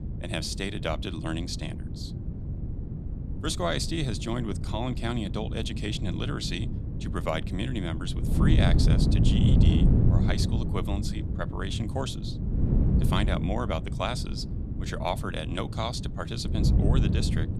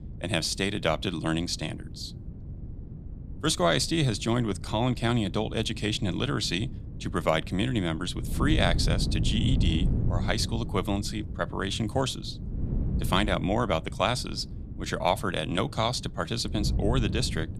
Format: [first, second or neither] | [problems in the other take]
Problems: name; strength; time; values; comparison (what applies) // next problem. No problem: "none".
second | wind noise on the microphone; heavy; 6 dB below the speech; occasional gusts in the second